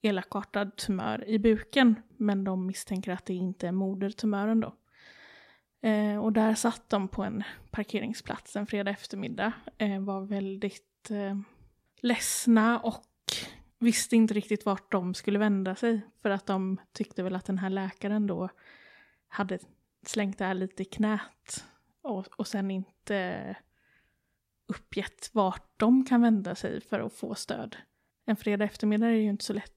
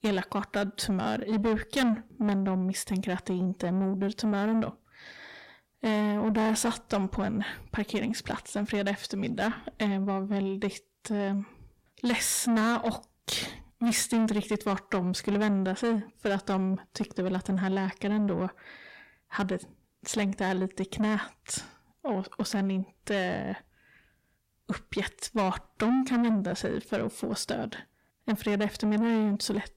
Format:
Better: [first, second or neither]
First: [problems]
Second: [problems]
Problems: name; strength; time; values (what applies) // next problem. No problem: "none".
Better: first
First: none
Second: distortion; heavy; 8 dB below the speech